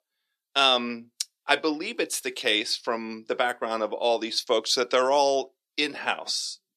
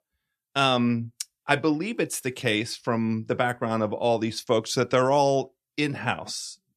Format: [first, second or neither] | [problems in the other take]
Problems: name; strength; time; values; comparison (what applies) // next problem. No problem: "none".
second | thin; somewhat; fading below 350 Hz